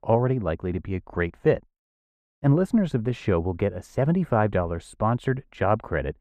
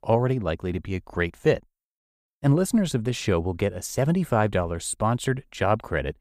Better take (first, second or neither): second